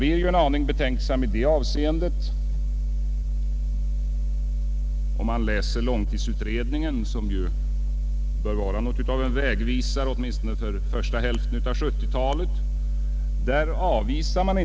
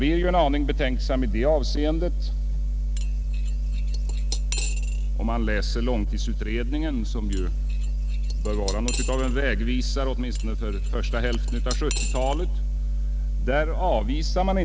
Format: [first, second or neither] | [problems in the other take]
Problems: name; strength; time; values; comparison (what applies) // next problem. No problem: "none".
first | background sound (Cutlery, silverware / Dishes, pots, and pans); 16 dB below the speech